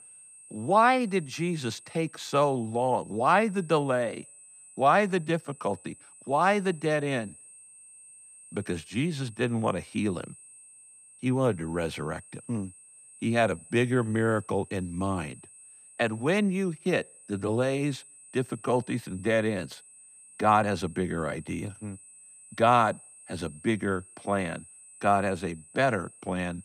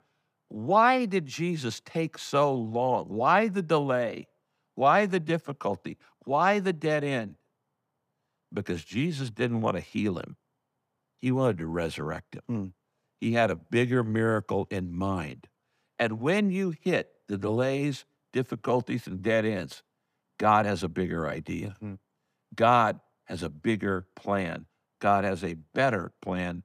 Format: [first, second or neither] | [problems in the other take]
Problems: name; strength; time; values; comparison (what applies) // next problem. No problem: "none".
second | high-pitched whine; faint; throughout; 8.5 kHz, 20 dB below the speech